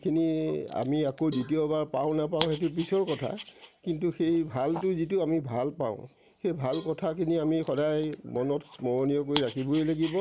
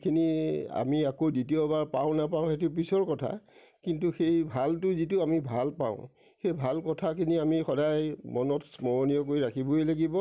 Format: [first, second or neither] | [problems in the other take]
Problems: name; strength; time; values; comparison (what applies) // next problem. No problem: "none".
second | background sound (Cowbell + Dog); 17 dB below the speech